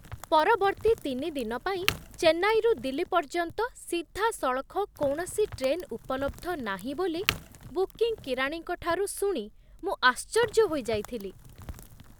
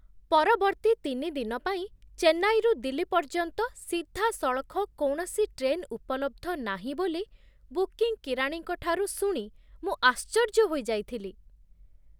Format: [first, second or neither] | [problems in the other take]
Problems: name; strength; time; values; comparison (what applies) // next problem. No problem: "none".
second | background sound (Crack); 14 dB below the speech